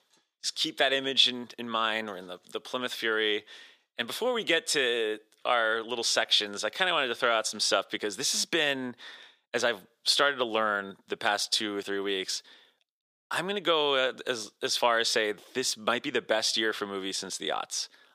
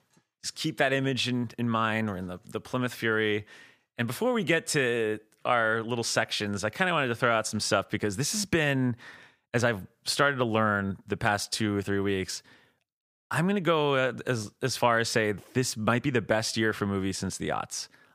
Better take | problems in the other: second | thin; somewhat; fading below 400 Hz

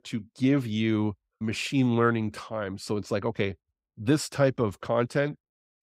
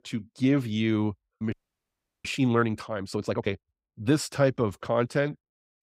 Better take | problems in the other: first | audio freezing; at 1.5 s for 0.5 s

